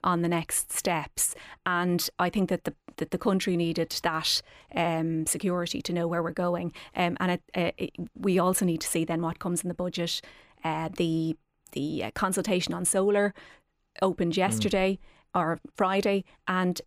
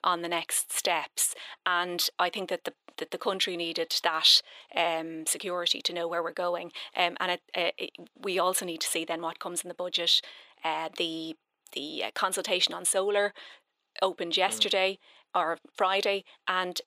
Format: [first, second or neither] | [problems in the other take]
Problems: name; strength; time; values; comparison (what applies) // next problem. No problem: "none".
first | thin; very; fading below 550 Hz